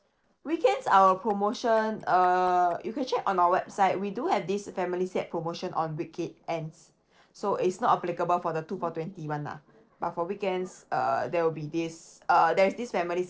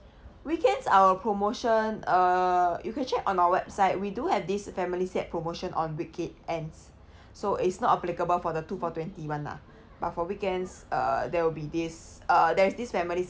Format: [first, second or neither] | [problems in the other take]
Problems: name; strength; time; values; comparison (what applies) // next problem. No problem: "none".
second | noise reduction (neural separator model SepFormer DNS4)